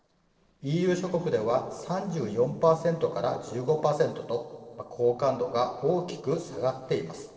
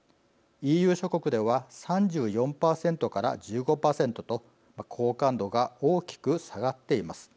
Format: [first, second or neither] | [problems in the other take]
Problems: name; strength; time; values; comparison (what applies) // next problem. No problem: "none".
second | noise reduction (neural separator model SepFormer DNS4)